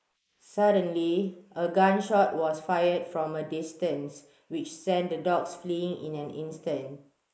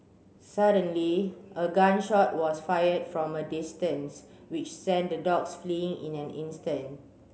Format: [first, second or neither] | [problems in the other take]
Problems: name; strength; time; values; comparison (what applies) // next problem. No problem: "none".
second | noise reduction (neural mask model Resemble Enhance denoiser)